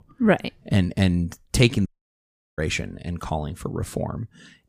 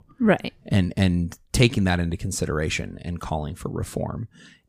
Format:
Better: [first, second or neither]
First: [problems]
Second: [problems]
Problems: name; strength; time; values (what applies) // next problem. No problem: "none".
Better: second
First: audio cutting out; at 2 s for 0.5 s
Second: none